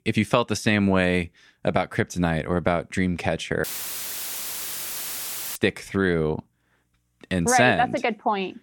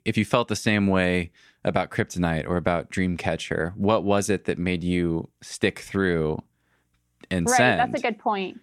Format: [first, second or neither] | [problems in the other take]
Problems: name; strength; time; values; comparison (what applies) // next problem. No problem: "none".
second | audio cutting out; filled with static; at 3.5 s for 2 s